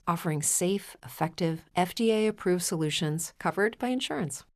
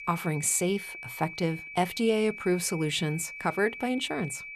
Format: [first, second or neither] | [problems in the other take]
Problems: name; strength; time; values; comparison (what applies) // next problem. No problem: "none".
first | high-pitched whine; noticeable; throughout; 2.5 kHz, 10 dB below the speech